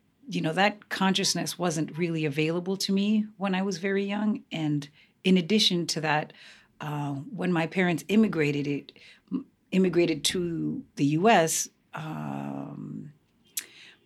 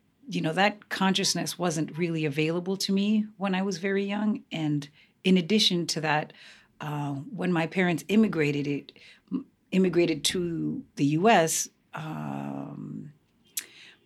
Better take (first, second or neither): neither